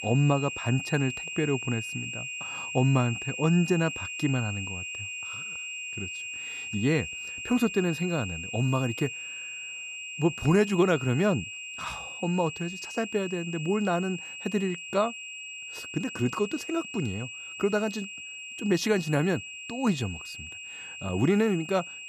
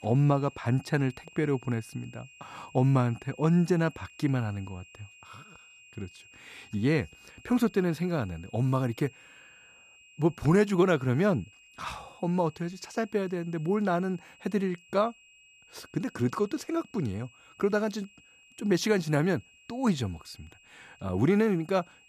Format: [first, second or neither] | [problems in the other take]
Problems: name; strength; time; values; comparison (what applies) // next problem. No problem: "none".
second | high-pitched whine; loud; throughout; 2.5 kHz, 7 dB below the speech; faint in the second